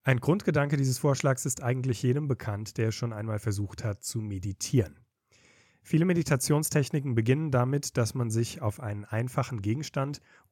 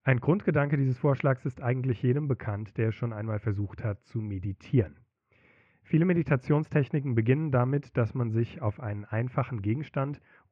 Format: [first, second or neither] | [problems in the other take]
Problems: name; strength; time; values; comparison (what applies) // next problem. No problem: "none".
first | muffled; very; fading above 2.5 kHz